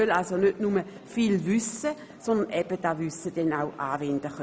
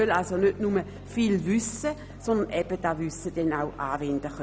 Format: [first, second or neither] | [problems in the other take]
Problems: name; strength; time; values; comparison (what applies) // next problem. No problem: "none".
first | background sound (Piano); 17 dB below the speech